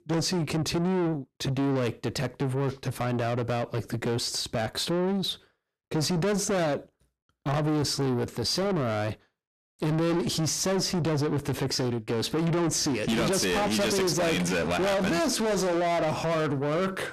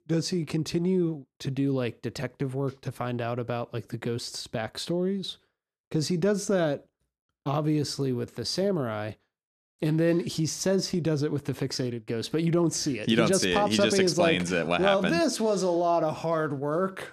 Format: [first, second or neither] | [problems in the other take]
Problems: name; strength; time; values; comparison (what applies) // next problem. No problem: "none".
second | distortion; heavy; 6 dB below the speech